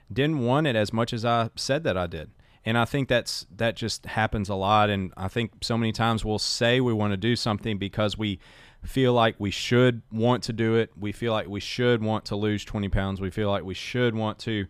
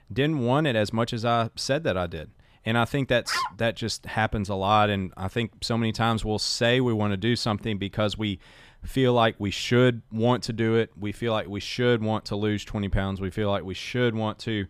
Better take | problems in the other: first | dog barking; noticeable; at 3.5 s; peak 4 dB below the speech

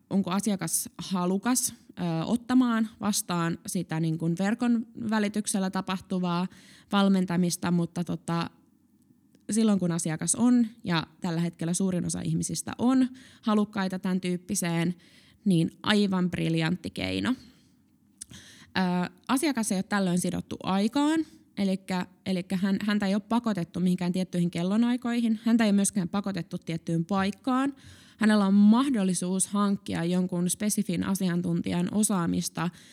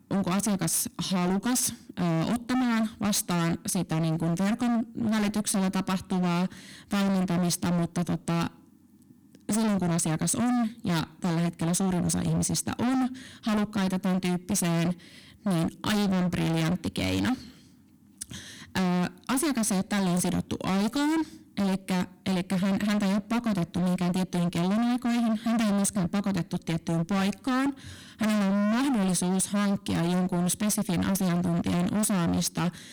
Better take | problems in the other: first | distortion; heavy; 36% of the sound clipped

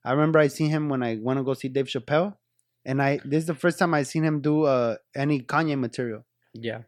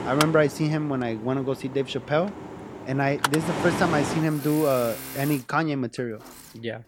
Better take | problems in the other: first | machinery noise; loud; throughout; 7 dB below the speech

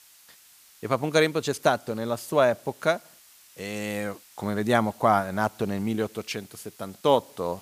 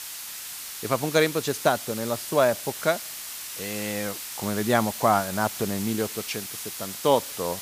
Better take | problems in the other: first | hiss; loud; throughout; 7 dB below the speech; faint in the first

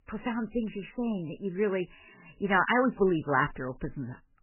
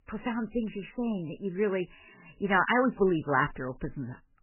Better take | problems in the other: neither | garbled, watery; badly; nothing above 3 kHz; the same in both

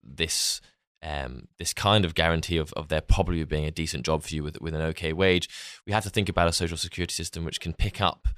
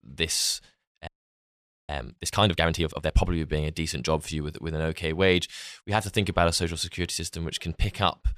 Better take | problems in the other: first | audio freezing; at 1 s for 1 s

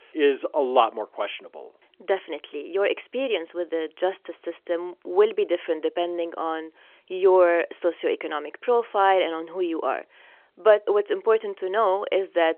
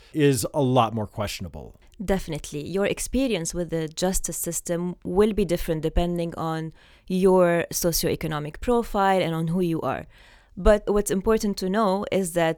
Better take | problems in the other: second | phone-call audio

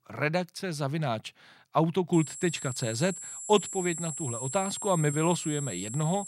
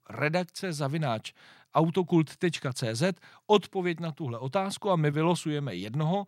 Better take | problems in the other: second | high-pitched whine; loud; from 2 s on; 7.5 kHz, 7 dB below the speech

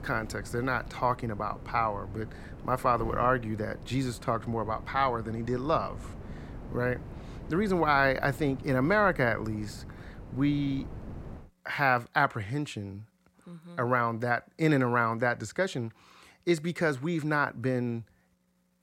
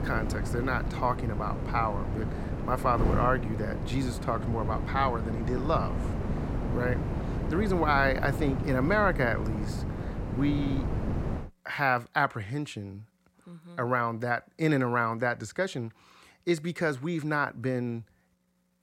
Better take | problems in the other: first | wind noise on the microphone; heavy; until 11 s; 10 dB below the speech; occasional gusts in the first

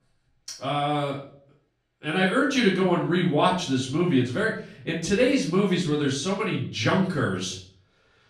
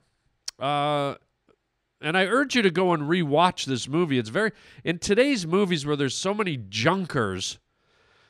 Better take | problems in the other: second | off-mic speech; far // room echo; slight; dies away in 0.4 s

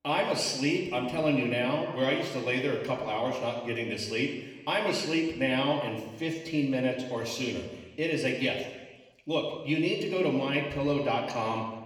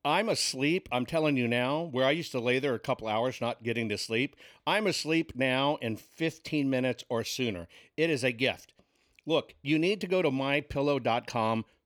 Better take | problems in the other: second | room echo; noticeable; dies away in 1 s // off-mic speech; somewhat distant

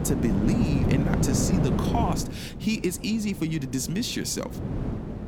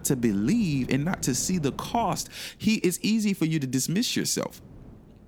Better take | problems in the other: second | wind noise on the microphone; heavy; 2 dB below the speech; occasional gusts in the second

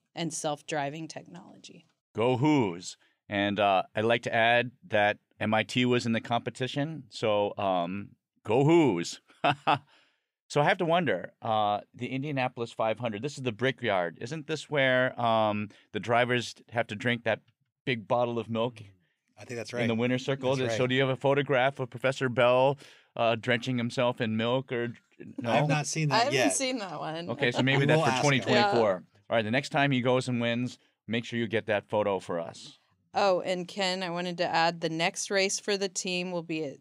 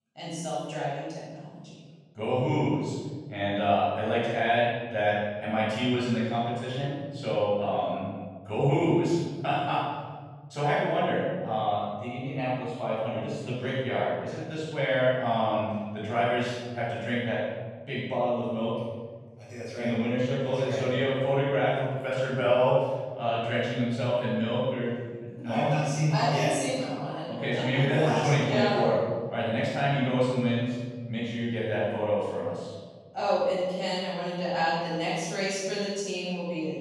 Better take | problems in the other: first | off-mic speech; far // room echo; strong; dies away in 1.7 s

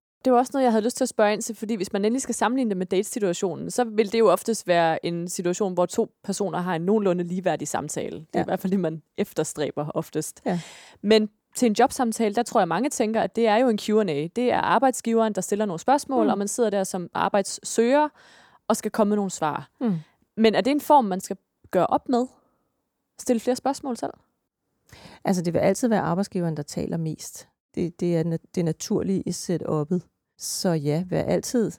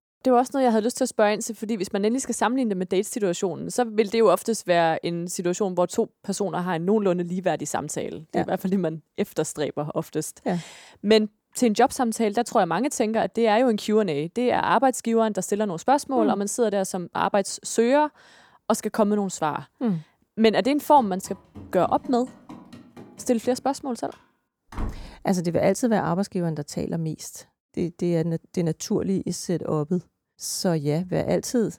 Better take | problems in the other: first | door banging; faint; from 21 to 25 s; peak 10 dB below the speech

